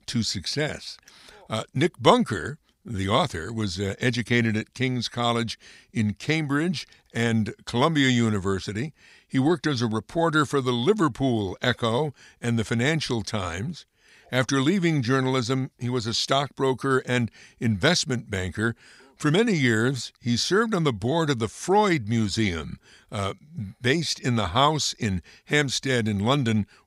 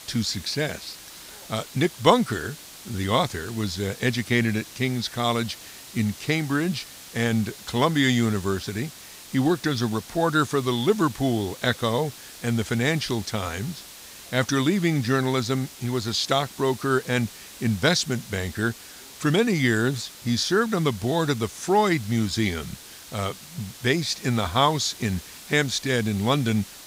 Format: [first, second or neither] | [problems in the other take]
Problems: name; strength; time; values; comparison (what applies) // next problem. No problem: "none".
first | hiss; noticeable; throughout; 15 dB below the speech